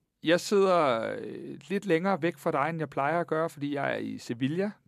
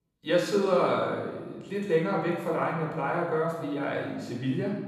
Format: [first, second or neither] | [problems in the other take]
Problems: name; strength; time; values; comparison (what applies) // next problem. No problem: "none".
first | off-mic speech; far // room echo; noticeable; dies away in 1.2 s